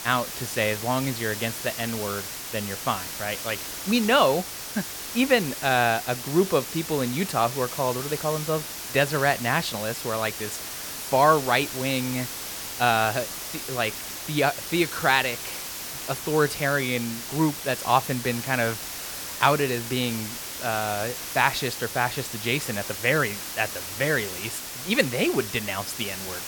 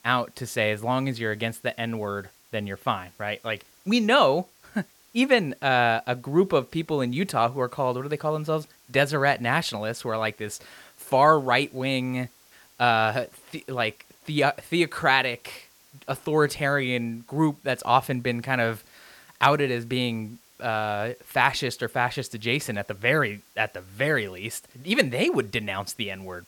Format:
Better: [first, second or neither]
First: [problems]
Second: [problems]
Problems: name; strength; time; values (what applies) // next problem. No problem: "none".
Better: second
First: hiss; loud; throughout; 7 dB below the speech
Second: hiss; faint; throughout; 30 dB below the speech